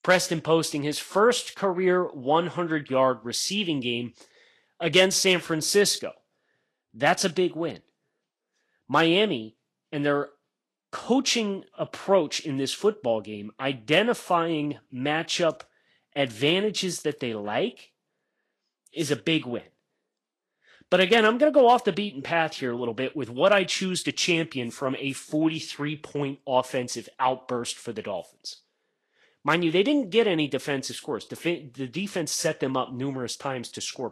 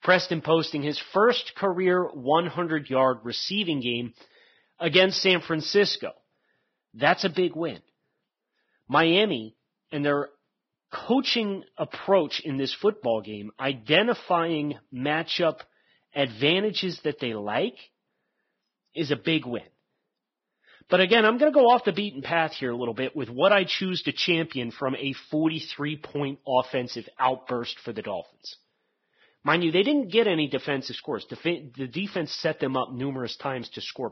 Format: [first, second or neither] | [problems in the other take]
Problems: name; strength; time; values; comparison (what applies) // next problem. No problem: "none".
first | garbled, watery; badly; nothing above 5.5 kHz; slightly in the first